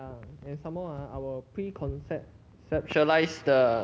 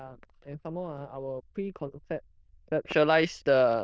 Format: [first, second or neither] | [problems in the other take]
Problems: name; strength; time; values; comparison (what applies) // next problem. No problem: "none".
first | noise reduction (neural diffusion model UNIVERSE++)